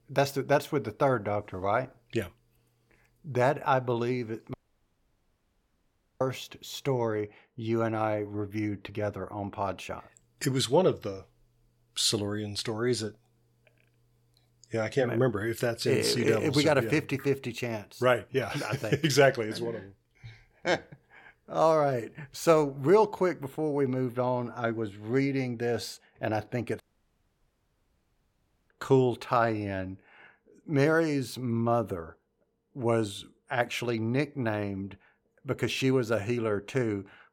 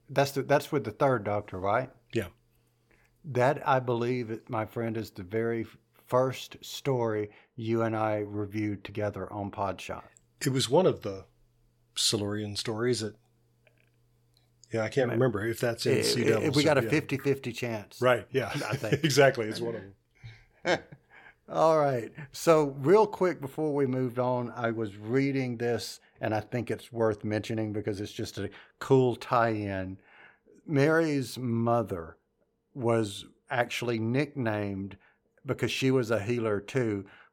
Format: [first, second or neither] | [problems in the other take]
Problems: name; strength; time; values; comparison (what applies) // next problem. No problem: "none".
second | audio cutting out; at 4.5 s for 1.5 s and at 27 s for 2 s